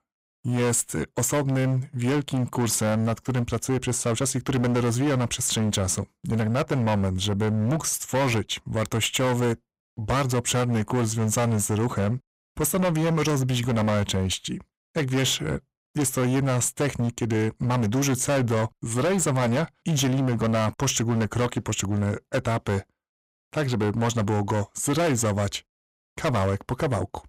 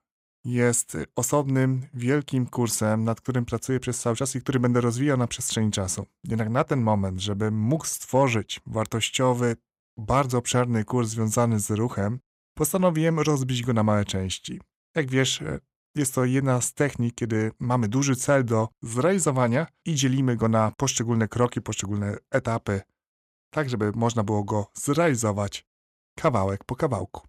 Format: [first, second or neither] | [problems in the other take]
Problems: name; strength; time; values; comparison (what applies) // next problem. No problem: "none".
second | distortion; heavy; 20% of the sound clipped